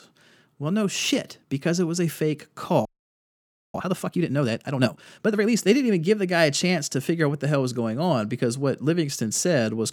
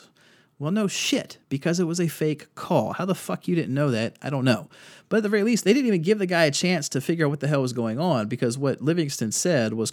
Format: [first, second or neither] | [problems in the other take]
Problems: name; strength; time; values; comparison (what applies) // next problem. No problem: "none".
second | audio freezing; at 3 s for 1 s